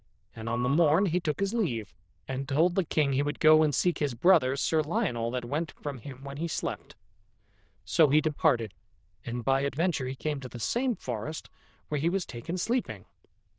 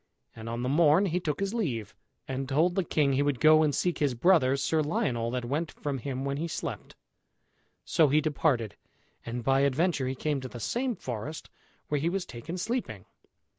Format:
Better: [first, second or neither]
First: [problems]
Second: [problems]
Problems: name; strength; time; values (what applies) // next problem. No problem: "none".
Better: second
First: noise reduction (neural diffusion model UNIVERSE++)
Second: none